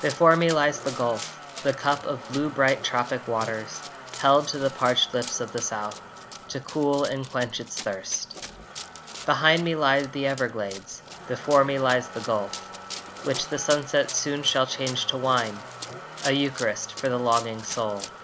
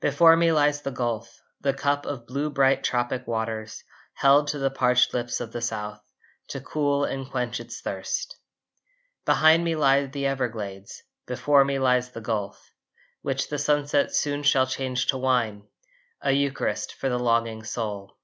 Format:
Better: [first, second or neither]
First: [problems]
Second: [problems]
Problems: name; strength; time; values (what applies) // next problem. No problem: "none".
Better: second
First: background sound (Motor vehicle (road) + Run); 13 dB below the speech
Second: none